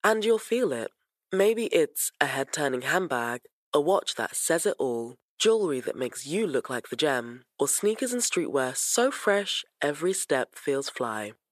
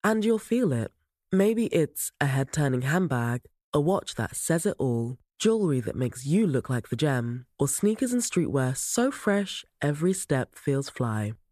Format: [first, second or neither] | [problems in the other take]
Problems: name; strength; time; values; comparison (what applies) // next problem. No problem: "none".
second | thin; somewhat; fading below 450 Hz